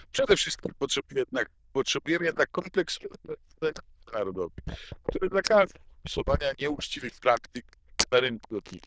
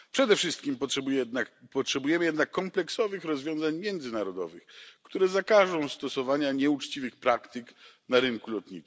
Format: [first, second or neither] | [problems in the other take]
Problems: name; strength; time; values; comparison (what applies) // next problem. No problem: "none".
second | noise reduction (neural diffusion model UNIVERSE++)